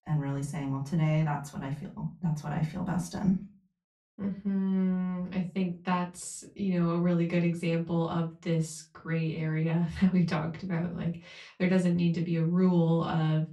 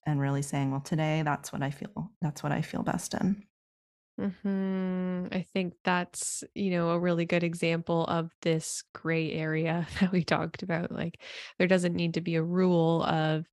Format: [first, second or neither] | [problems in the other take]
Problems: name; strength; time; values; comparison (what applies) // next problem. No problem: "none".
second | off-mic speech; far // room echo; very slight; dies away in 0.3 s